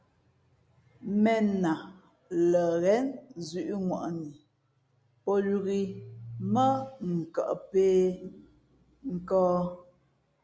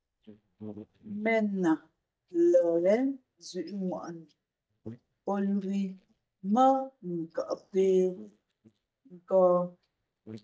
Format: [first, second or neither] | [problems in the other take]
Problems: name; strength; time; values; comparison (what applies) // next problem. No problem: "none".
first | noise reduction (neural mask model DeepFilterNet 3)